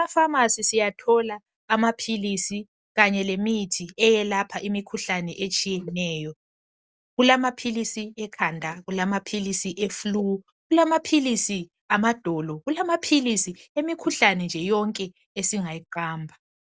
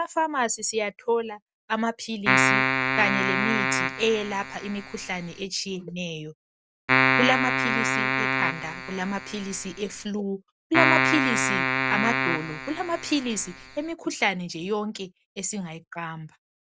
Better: first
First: none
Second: background sound (Keyboard (musical)); 4 dB above the speech

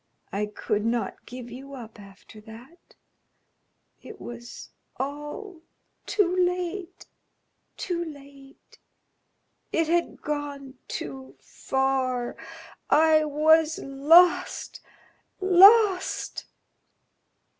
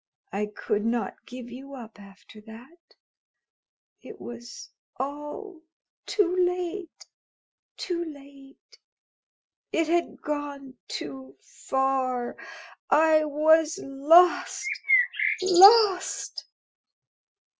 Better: first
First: none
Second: noise reduction (classical method Wiener filter)

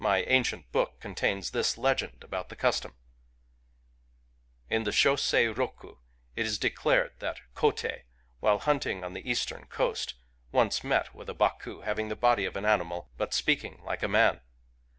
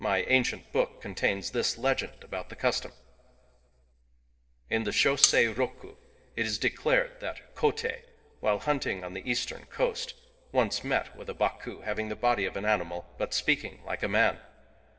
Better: first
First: none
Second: noise reduction (neural separator model SepFormer DNS4)

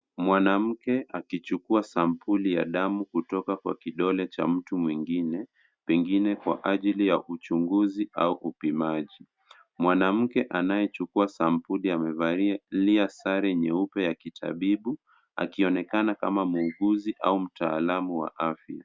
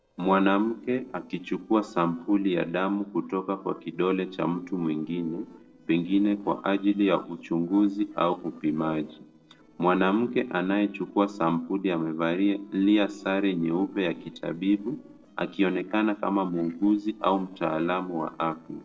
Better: first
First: none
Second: noise reduction (neural separator model SepFormer DNS4)

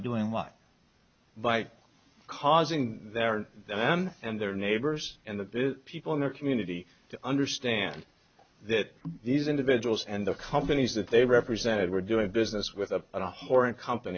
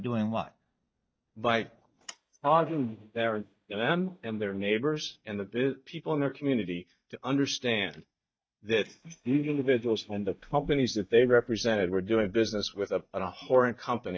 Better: first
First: none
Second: noise reduction (neural mask model DeepFilterNet 3)

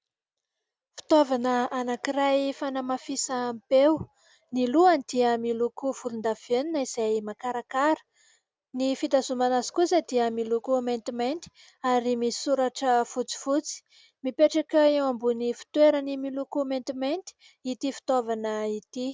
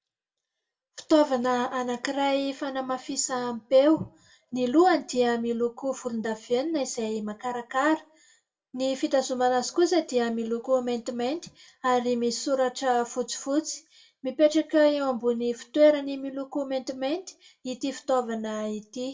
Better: first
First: none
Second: room echo; dies away in 0.2 s

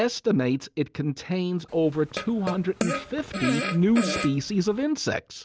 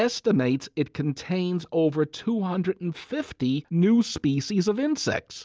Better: second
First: background sound (Fart); 6 dB below the speech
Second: none

